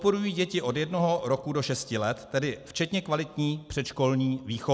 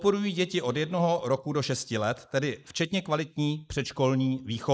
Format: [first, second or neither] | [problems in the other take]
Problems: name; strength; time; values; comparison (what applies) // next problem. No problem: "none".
first | noise reduction (neural mask model Resemble Enhance denoiser)